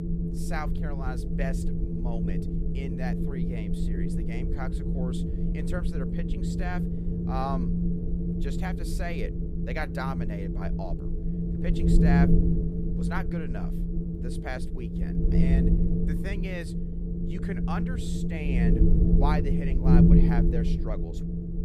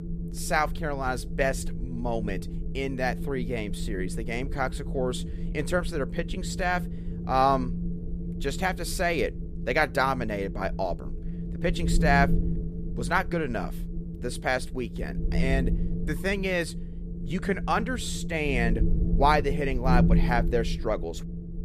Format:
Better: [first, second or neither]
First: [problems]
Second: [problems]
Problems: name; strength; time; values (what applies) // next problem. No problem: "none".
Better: second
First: wind noise on the microphone; heavy; 1 dB above the speech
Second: wind noise on the microphone; occasional gusts; 15 dB below the speech